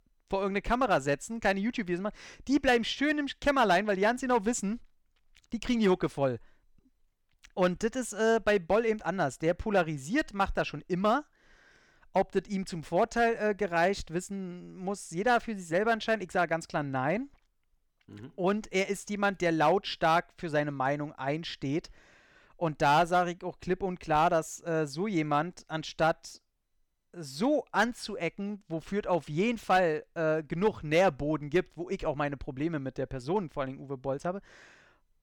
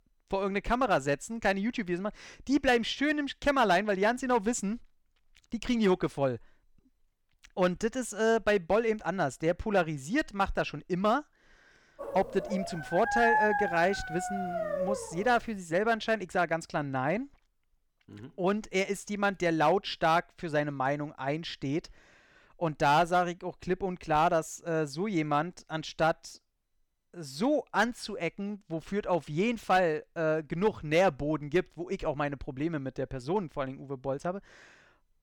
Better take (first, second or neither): first